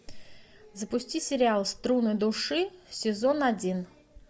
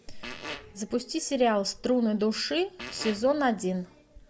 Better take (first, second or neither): first